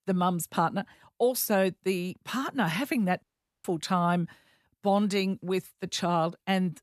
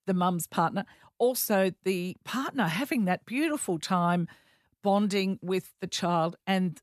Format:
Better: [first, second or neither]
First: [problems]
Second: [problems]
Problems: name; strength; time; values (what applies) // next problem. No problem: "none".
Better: second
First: audio cutting out; at 3 s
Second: none